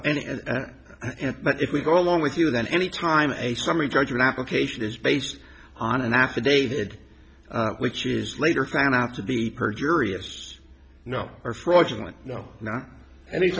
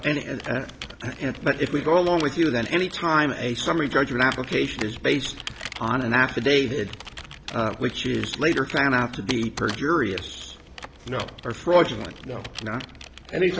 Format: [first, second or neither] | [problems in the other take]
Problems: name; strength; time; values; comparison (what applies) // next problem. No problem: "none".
first | background sound (Computer keyboard); 15 dB below the speech